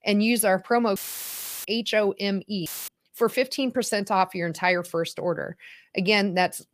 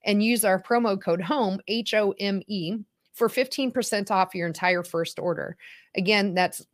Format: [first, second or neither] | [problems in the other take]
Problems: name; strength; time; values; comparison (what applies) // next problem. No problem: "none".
second | audio cutting out; filled with static; at 1 s for 0.5 s and at 2.5 s